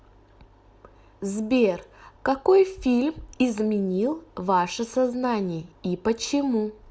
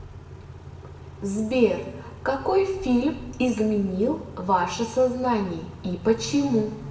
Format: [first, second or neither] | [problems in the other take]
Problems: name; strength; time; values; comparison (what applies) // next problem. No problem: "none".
first | background sound (Idling / Accelerating, revving, vroom / Car); 15 dB below the speech // room echo; dies away in 0.9 s